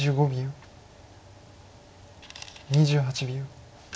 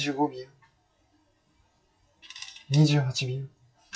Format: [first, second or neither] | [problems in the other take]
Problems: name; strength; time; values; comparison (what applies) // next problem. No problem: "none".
first | noise reduction (classical method WPE with log-MMSE)